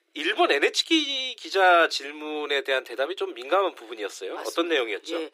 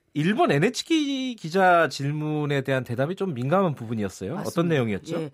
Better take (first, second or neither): second